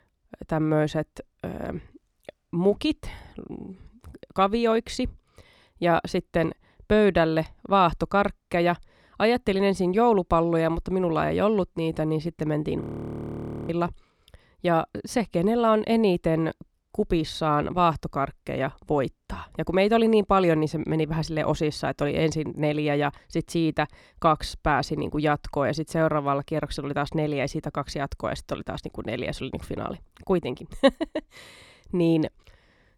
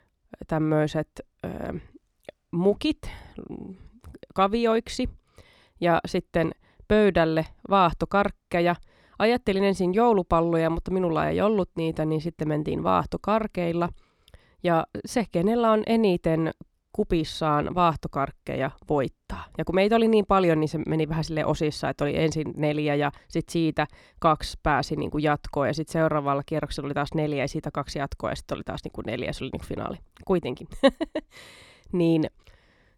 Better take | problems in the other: second | audio freezing; at 13 s for 1 s

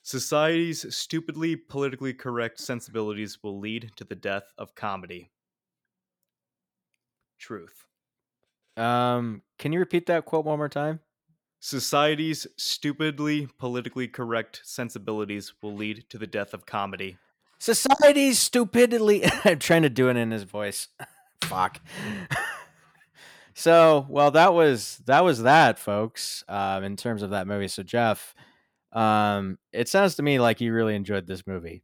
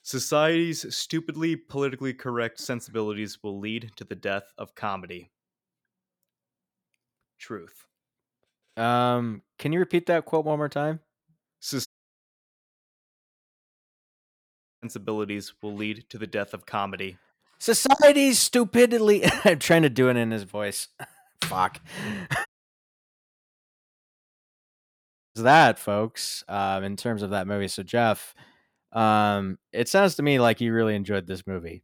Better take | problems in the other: first | audio cutting out; at 12 s for 3 s and at 22 s for 3 s

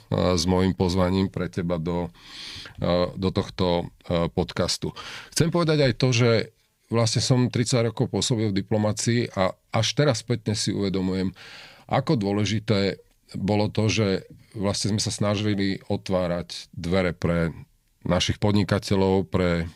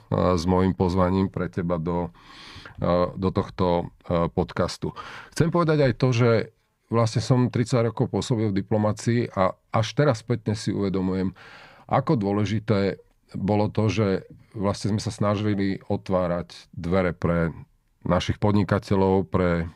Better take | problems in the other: first | muffled; slightly; fading above 2.5 kHz

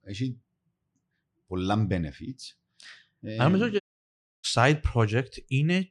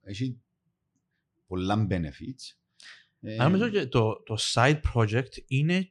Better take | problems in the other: second | audio cutting out; at 4 s for 0.5 s

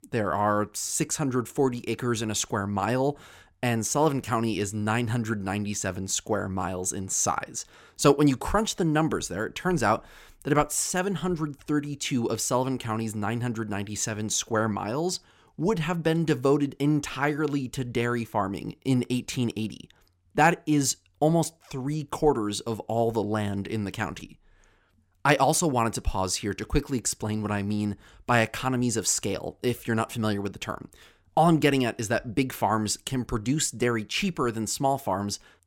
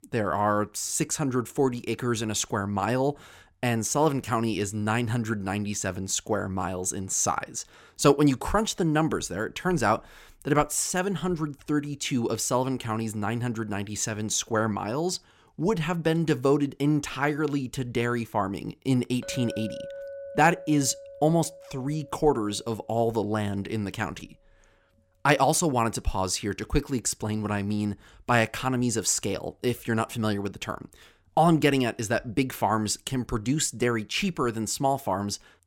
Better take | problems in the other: first | clattering dishes; faint; from 19 to 23 s; peak 10 dB below the speech

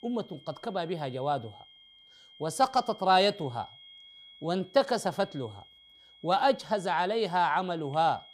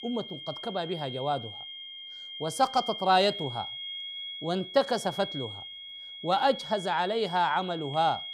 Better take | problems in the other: first | high-pitched whine; loud; throughout; 3.5 kHz, 9 dB below the speech; faint in the first

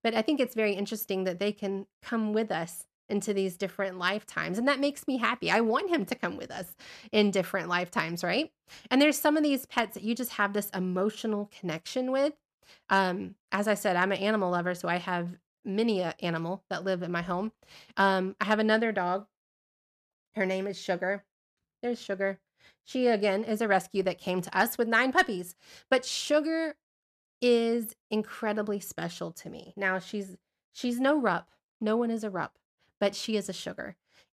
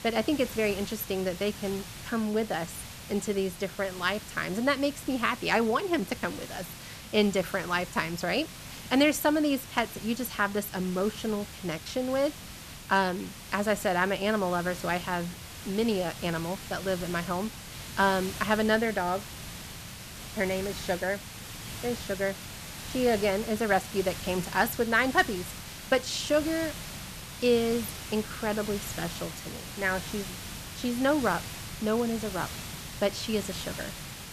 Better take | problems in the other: first | hiss; noticeable; throughout; 10 dB below the speech

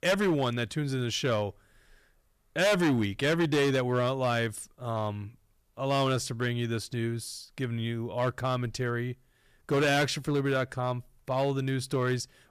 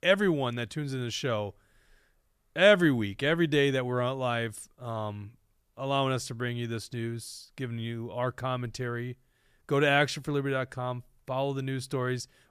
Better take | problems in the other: second | distortion; heavy; 7% of the sound clipped

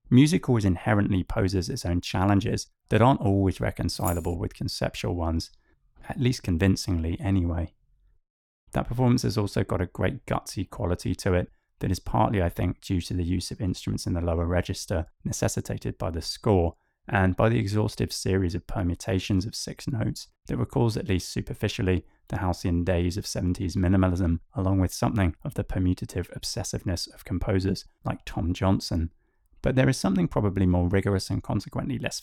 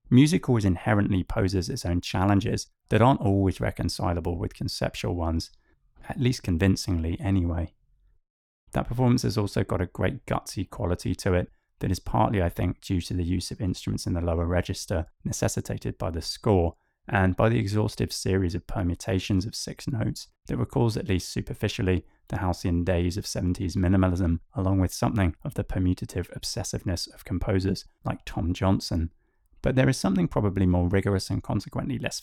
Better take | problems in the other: second | jangling keys; noticeable; at 4 s; peak 10 dB below the speech

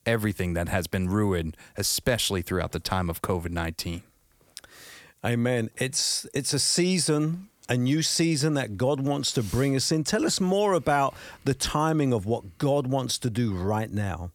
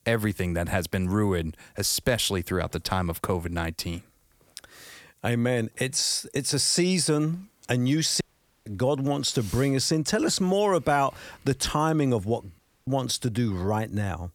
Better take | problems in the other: first | audio cutting out; at 8 s and at 13 s

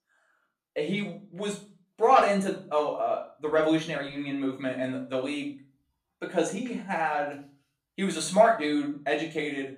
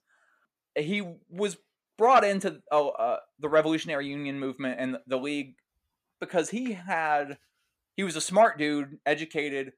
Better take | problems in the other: second | room echo; slight; dies away in 0.4 s // off-mic speech; far

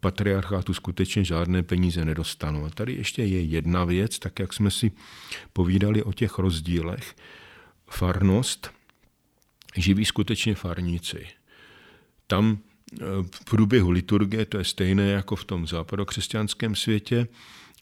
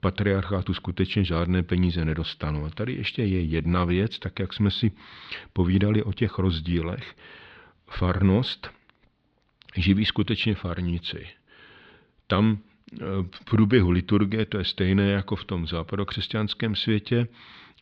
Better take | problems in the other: first | muffled; very slightly; fading above 4 kHz

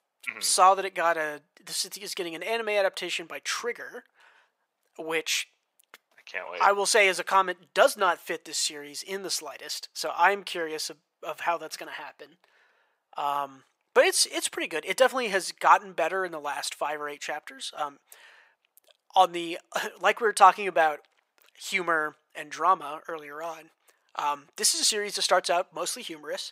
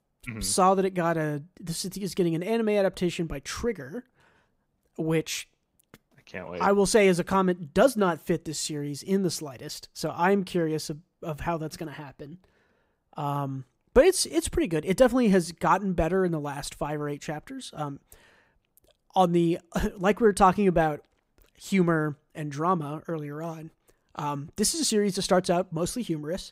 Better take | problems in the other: second | thin; very; fading below 750 Hz

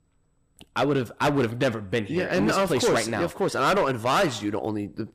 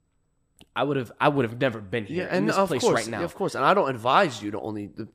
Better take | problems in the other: second | distortion; heavy; 9% of the sound clipped

